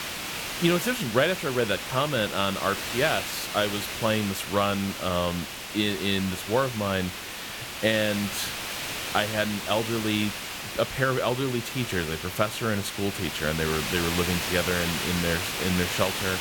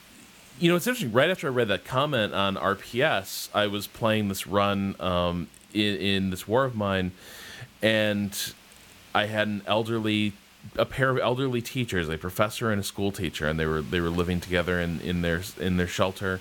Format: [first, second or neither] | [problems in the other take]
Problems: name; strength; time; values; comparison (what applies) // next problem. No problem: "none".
second | hiss; loud; throughout; 4 dB below the speech; faint in the second